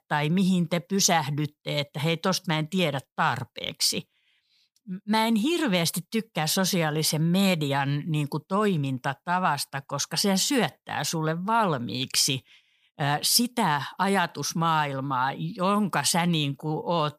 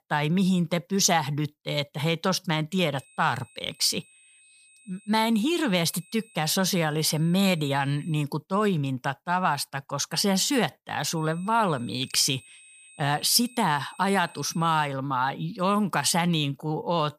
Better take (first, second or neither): first